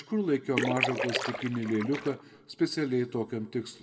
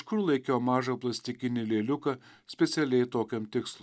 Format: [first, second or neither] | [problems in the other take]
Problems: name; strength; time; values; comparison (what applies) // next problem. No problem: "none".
second | background sound (Splash, splatter); 3 dB below the speech // room echo; dies away in 0.9 s